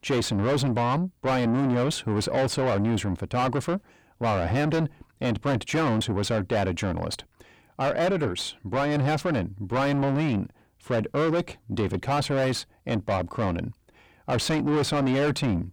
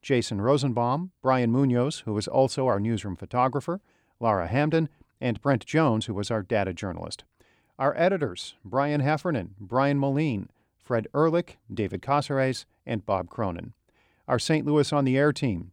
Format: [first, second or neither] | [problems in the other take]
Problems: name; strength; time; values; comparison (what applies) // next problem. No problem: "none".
second | distortion; heavy; 5 dB below the speech